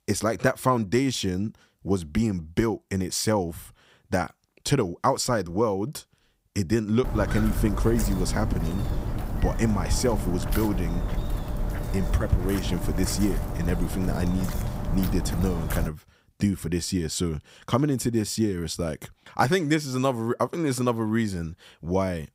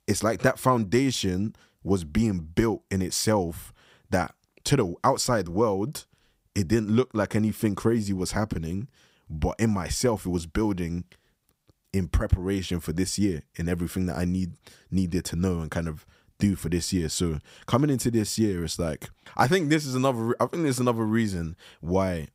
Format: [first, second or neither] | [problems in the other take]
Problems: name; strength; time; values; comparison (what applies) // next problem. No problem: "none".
second | footsteps; noticeable; from 7 to 16 s; peak 2 dB below the speech